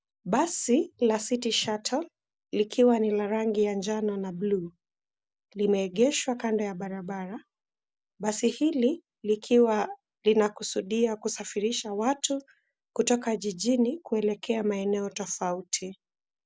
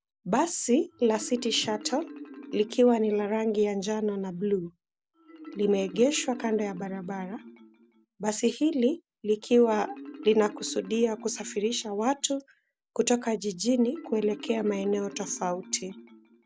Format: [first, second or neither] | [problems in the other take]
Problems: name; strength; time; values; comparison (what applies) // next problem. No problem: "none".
first | background sound (Marimba, xylophone); 18 dB below the speech